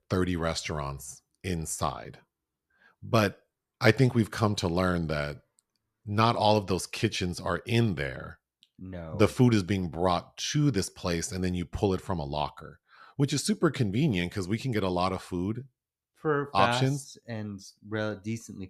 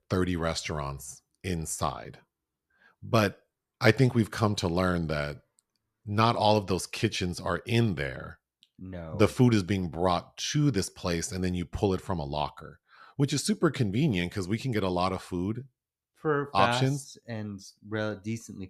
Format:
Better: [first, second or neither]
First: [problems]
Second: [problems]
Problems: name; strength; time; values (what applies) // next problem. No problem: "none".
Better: neither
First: none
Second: none